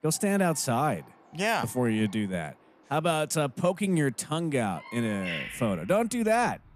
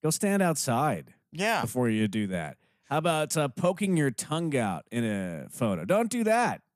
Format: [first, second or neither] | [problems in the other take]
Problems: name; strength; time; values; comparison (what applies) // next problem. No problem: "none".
second | animal sounds; noticeable; throughout; 15 dB below the speech